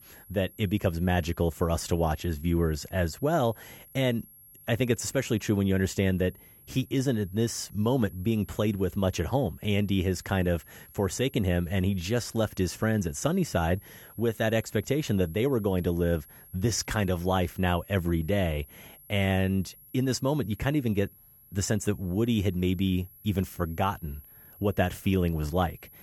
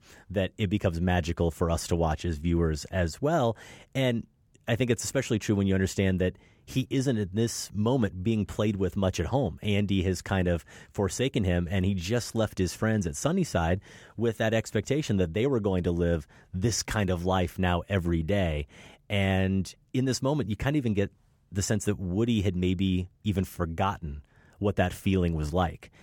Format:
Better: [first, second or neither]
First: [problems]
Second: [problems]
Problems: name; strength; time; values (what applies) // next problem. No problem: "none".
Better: second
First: high-pitched whine; faint; throughout; 11.5 kHz, 20 dB below the speech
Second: none